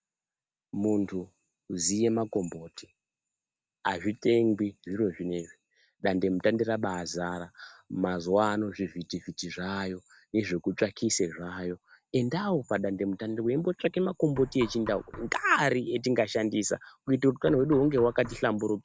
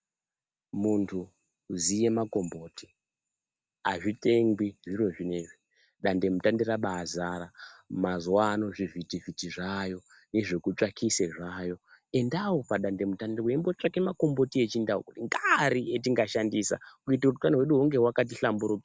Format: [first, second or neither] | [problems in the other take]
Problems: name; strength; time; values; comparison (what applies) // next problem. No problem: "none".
second | background sound (Knock); 15 dB below the speech